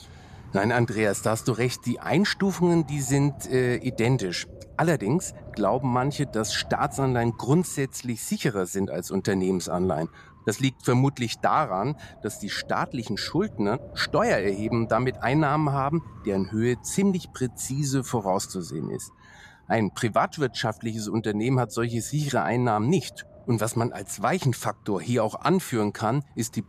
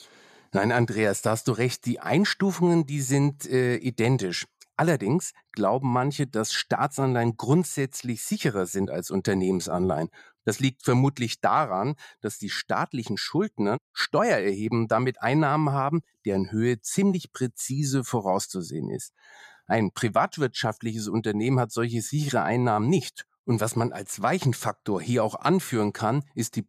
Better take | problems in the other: second | wind noise on the microphone; occasional gusts; 20 dB below the speech

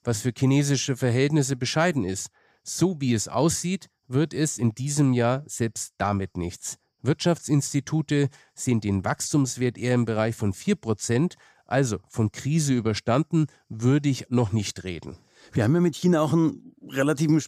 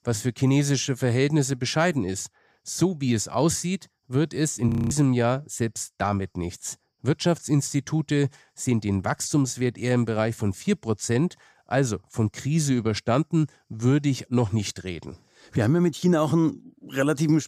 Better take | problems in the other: first | audio freezing; at 4.5 s

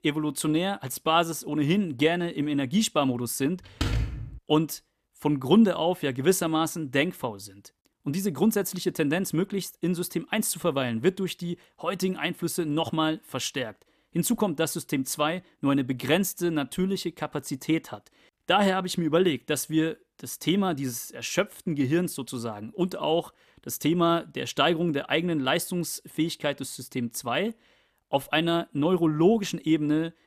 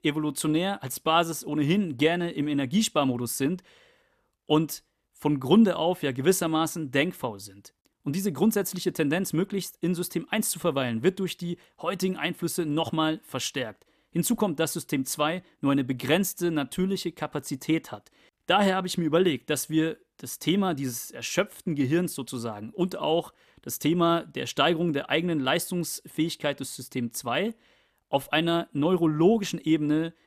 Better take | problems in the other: second | door banging; noticeable; at 4 s; peak 2 dB below the speech

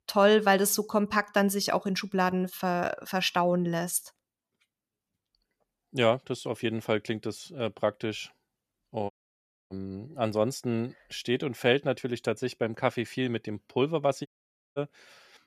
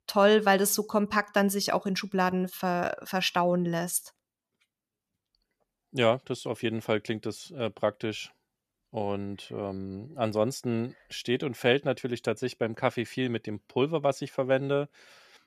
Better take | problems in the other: second | audio cutting out; at 9 s for 0.5 s and at 14 s for 0.5 s

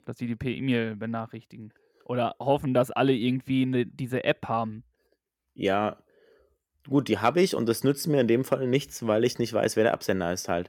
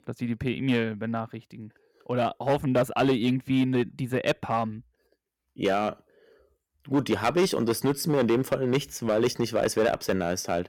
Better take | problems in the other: first | distortion; slight; 4% of the sound clipped

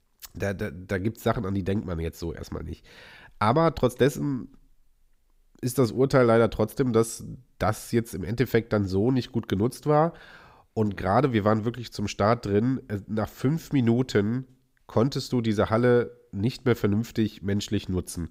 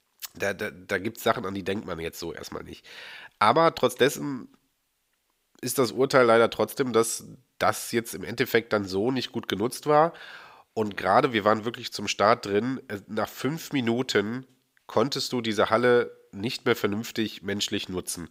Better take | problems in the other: first | thin; somewhat; fading below 650 Hz

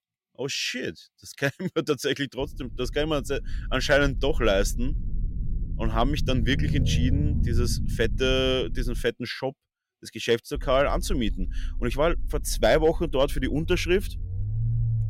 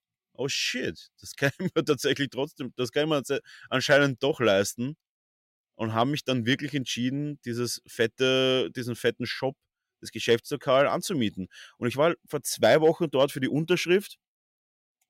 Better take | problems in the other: second | low rumble; noticeable; from 2.5 to 9 s and from 11 s on; 15 dB below the speech

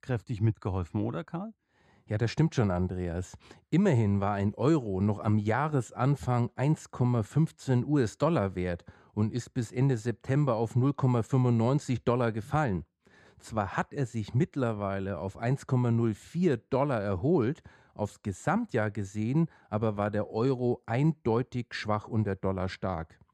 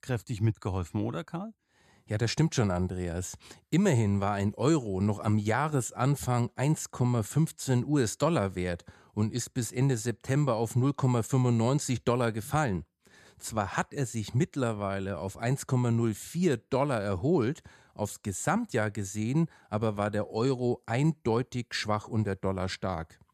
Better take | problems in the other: second | muffled; slightly; fading above 2 kHz

